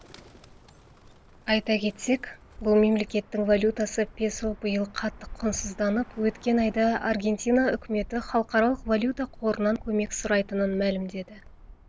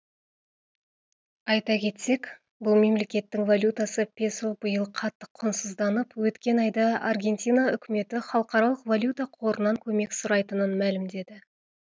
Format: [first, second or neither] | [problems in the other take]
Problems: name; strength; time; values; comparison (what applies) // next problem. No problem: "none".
second | background sound (Bird); 18 dB below the speech